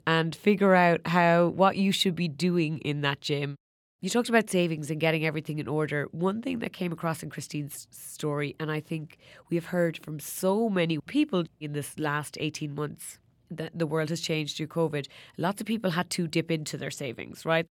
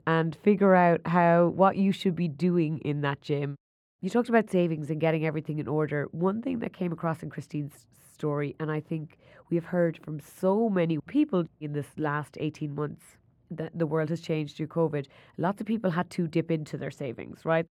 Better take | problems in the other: first | muffled; slightly; fading above 2.5 kHz

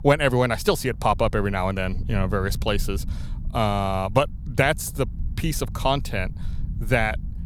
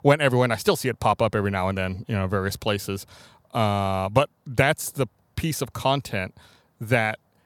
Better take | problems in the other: second | low rumble; faint; throughout; 25 dB below the speech

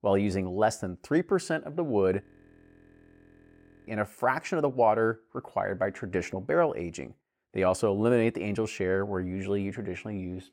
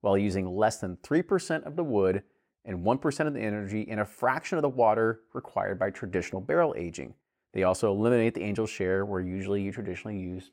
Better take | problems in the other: second | audio freezing; at 2 s for 1.5 s

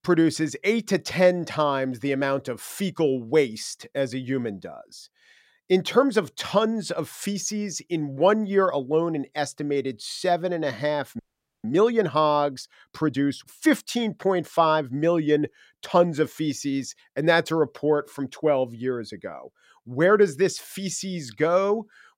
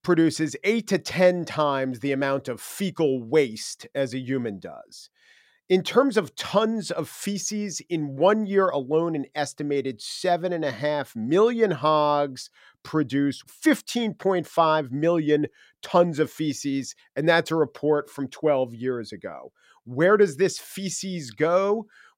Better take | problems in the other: second | audio freezing; at 11 s

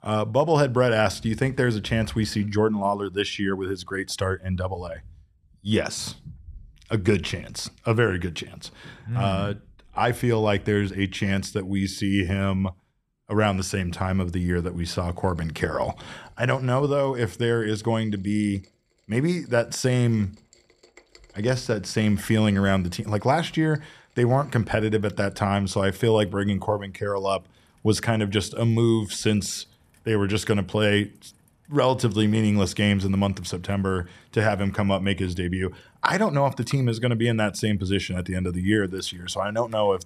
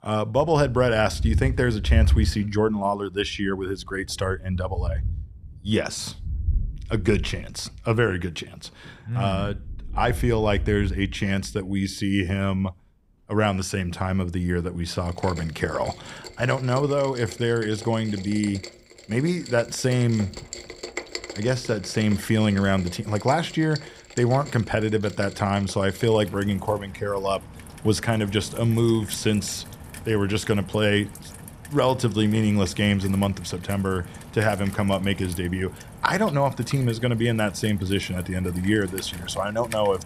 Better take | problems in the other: first | rain or running water; loud; throughout; 10 dB below the speech; faint in the first

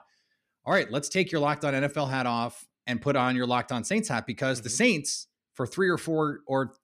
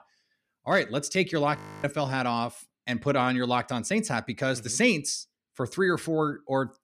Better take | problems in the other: first | audio freezing; at 1.5 s

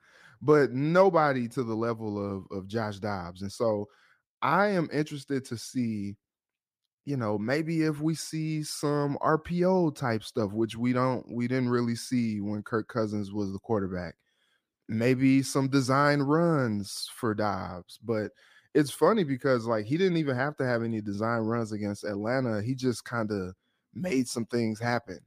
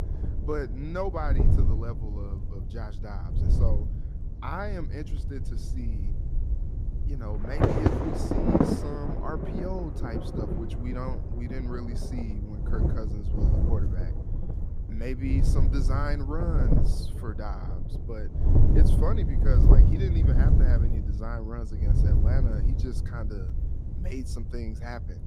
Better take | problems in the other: first | wind noise on the microphone; heavy; 2 dB above the speech

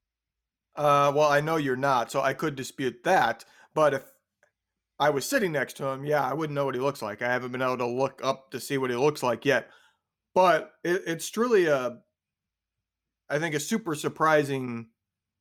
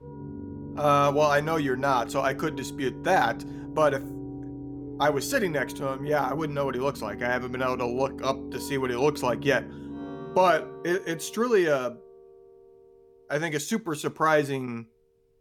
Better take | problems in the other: first | background music; noticeable; throughout; 10 dB below the speech

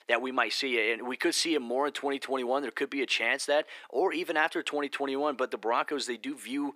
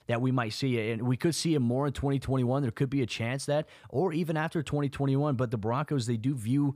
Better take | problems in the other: second | thin; somewhat; fading below 300 Hz

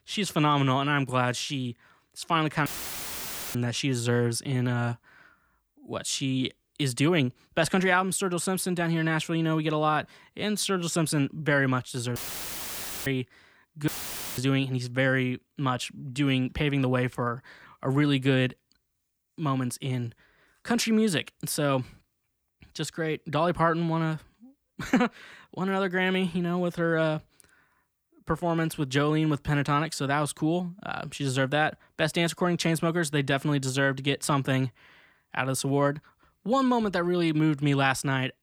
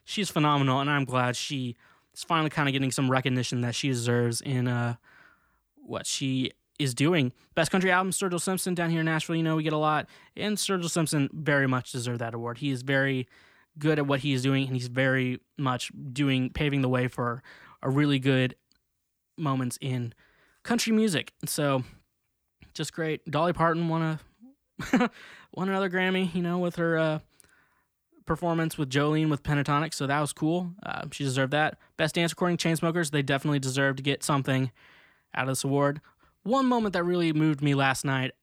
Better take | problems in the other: second | audio cutting out; filled with static; at 2.5 s for 1 s, at 12 s for 1 s and at 14 s for 0.5 s

